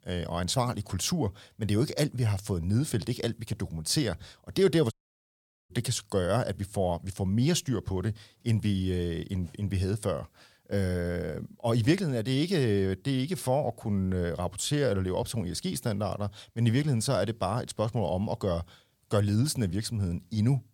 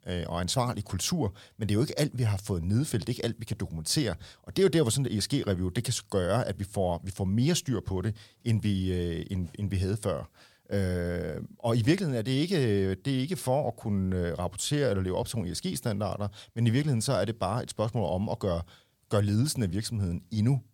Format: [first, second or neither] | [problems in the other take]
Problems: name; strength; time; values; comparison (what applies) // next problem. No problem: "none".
second | audio cutting out; at 5 s for 1 s